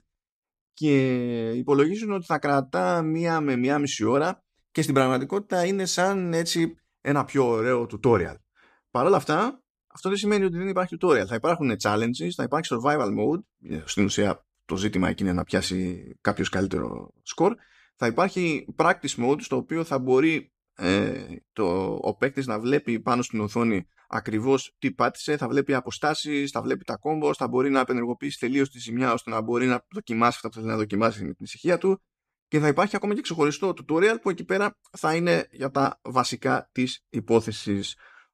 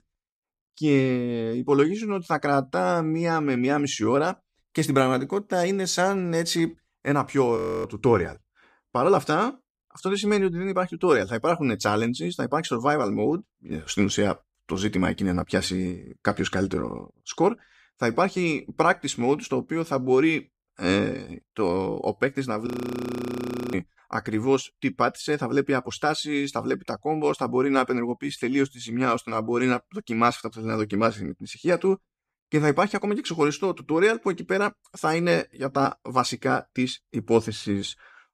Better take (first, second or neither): first